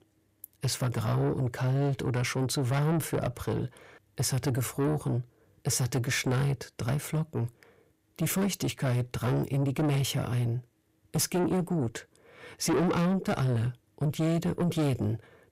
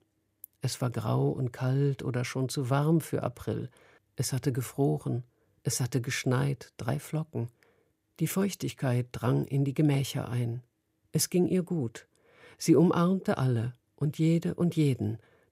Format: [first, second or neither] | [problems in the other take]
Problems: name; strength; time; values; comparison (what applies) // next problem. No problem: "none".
second | distortion; heavy; 7 dB below the speech